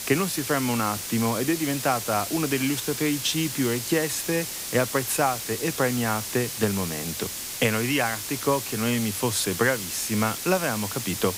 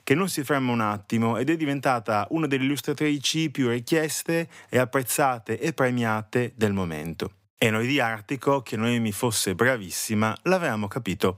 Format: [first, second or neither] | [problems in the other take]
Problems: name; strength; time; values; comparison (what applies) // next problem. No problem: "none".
second | hiss; loud; throughout; 5 dB below the speech